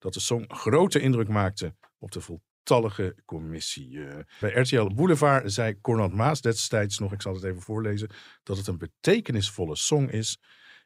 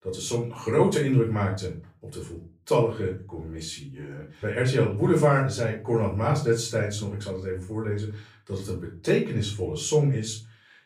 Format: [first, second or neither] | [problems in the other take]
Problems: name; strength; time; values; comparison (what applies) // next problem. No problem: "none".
first | off-mic speech; far // room echo; slight; dies away in 0.3 s